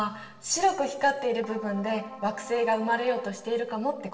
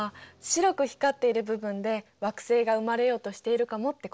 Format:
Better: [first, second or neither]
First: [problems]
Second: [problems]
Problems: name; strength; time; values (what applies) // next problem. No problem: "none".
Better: second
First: background sound (Keyboard (musical)); 16 dB below the speech // room echo; dies away in 0.9 s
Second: none